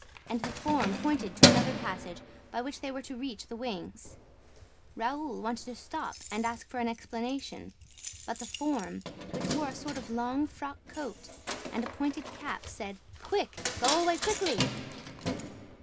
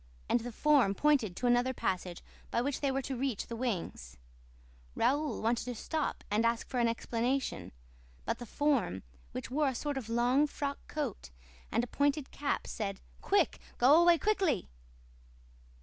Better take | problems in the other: second | background sound (Keys jangling); as loud as the speech // room echo; dies away in 0.3 s

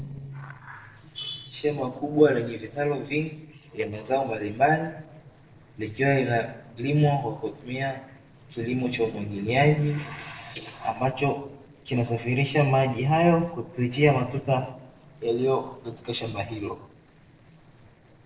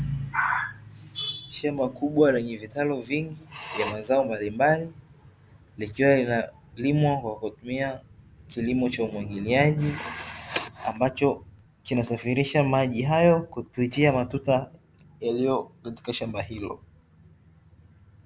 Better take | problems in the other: second | noise reduction (neural separator model SepFormer DNS4)

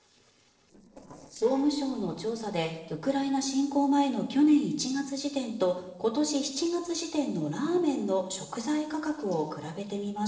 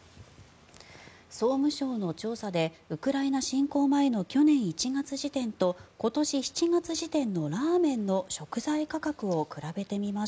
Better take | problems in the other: second | noise reduction (neural separator model SepFormer DNS4)

